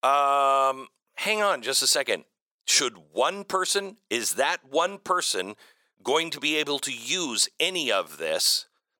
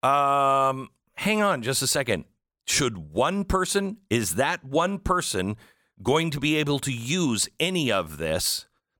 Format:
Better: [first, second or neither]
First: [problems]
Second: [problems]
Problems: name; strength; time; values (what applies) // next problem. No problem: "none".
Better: second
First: thin; somewhat; fading below 450 Hz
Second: none